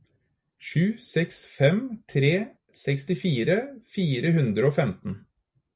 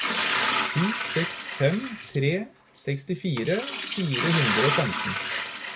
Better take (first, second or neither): first